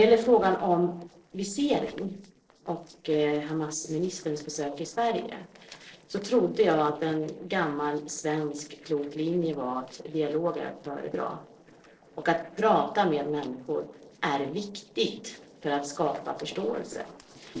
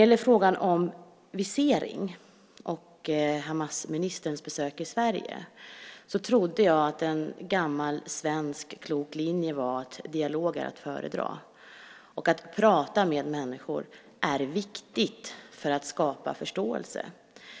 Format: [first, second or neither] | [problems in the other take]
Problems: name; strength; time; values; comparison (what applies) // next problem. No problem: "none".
second | noise reduction (neural separator model SepFormer DNS4)